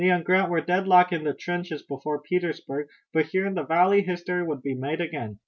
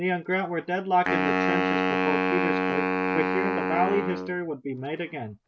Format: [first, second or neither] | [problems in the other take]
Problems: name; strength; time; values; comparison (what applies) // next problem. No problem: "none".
first | background sound (Wind instrument, woodwind instrument); 1 dB above the speech